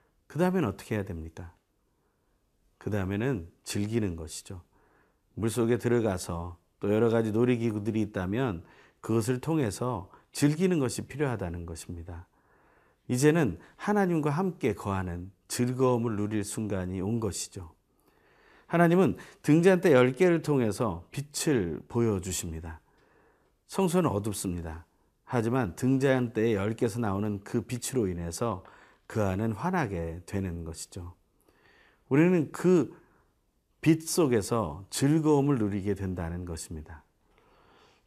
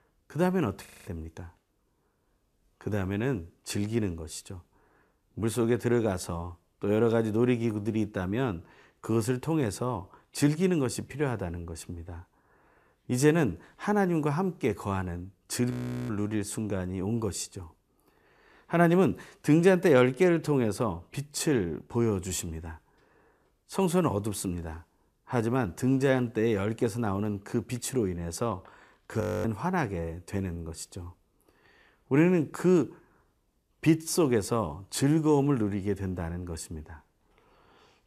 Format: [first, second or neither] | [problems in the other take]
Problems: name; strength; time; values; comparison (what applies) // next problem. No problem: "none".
first | audio freezing; at 1 s, at 16 s and at 29 s